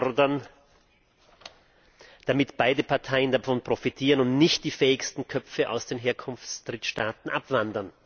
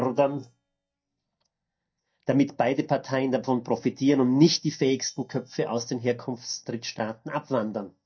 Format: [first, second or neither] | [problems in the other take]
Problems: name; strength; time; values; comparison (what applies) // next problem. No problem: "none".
first | noise reduction (neural mask model DeepFilterNet 3)